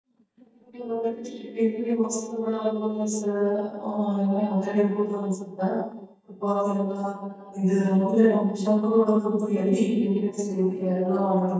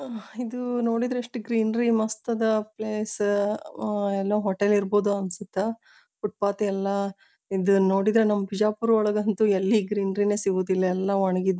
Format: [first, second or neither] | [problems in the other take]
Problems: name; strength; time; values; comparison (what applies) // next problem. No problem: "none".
second | noise reduction (neural mask model DeepFilterNet 3)